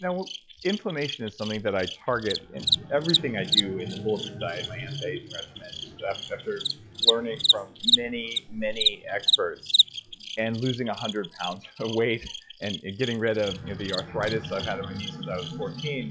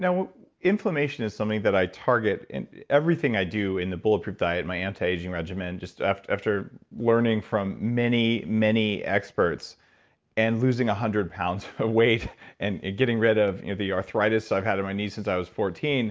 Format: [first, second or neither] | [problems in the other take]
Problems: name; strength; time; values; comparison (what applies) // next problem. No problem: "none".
second | noise reduction (classical method log-MMSE)